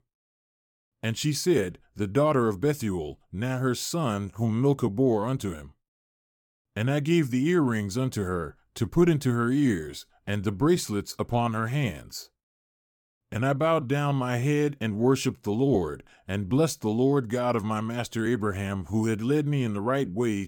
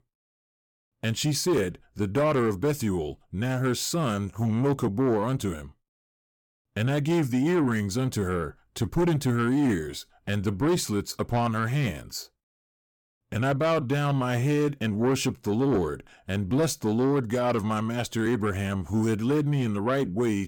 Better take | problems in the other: first | distortion; slight; 10 dB below the speech

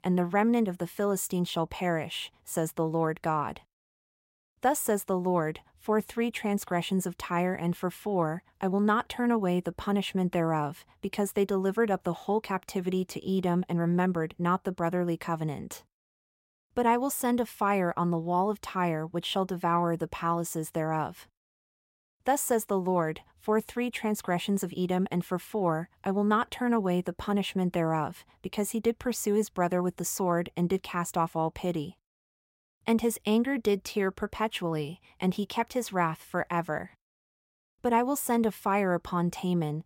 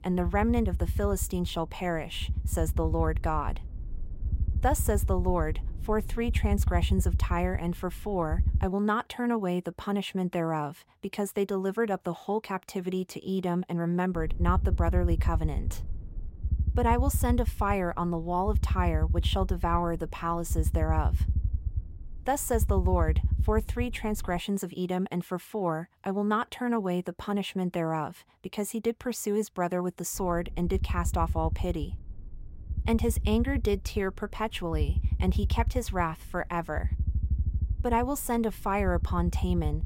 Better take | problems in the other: first | low rumble; noticeable; until 8.5 s, from 14 to 24 s and from 30 s on; 15 dB below the speech

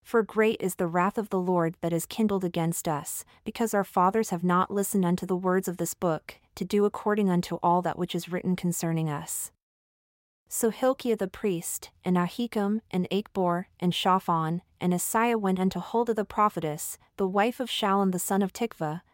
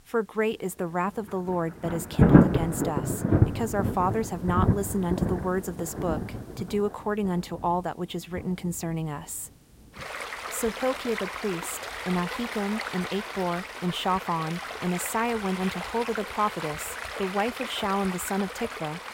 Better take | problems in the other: first | rain or running water; very loud; throughout; as loud as the speech

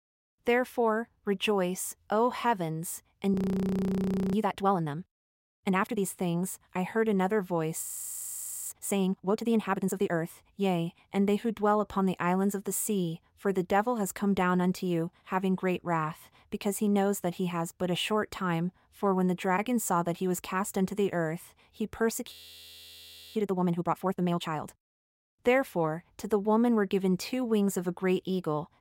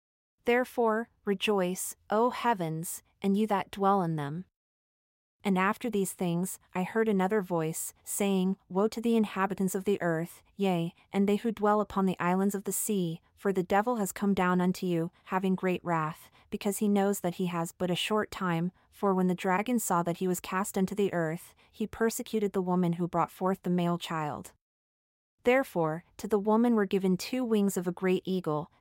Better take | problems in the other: second | audio freezing; at 3.5 s for 1 s, at 8 s for 1 s and at 22 s for 1 s

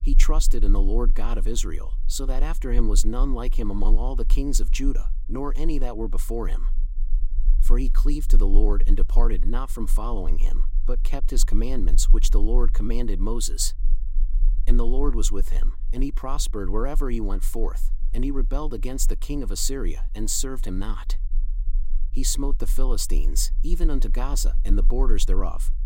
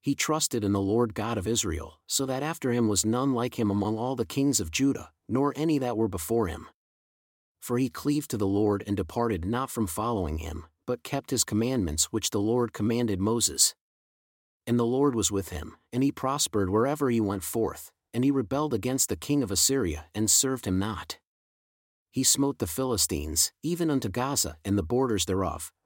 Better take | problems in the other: second | low rumble; faint; throughout; 25 dB below the speech

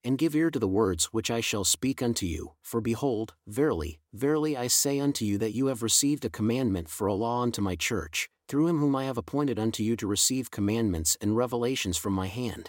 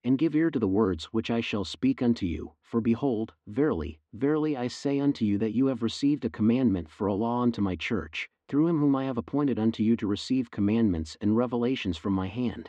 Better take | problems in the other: first | muffled; slightly; fading above 3.5 kHz

